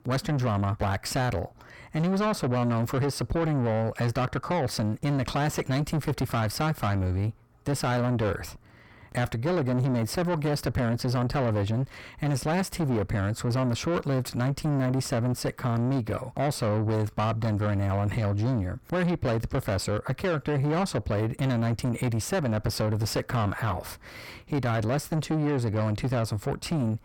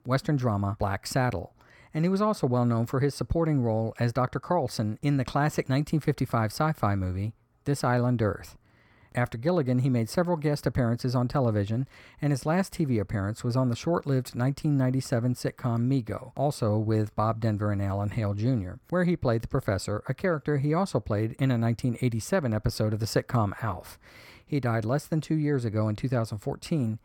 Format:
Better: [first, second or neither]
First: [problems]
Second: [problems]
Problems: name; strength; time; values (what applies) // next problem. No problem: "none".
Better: second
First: distortion; heavy; 7 dB below the speech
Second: none